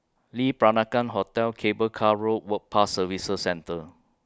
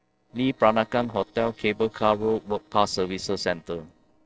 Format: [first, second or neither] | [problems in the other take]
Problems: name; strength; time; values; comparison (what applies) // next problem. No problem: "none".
first | noise reduction (neural separator model SepFormer DNS4)